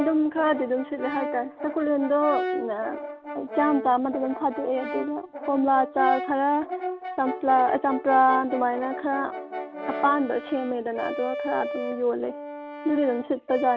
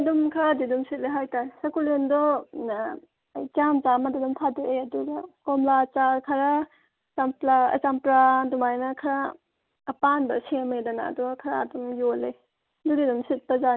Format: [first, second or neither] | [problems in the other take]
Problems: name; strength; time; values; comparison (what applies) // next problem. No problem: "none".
second | background sound (Brass instrument); 8 dB below the speech